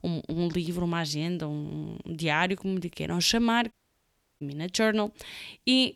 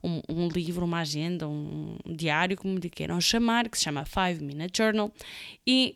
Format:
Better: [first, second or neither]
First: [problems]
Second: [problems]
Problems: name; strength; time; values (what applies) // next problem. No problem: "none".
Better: second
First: audio cutting out; at 3.5 s for 0.5 s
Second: none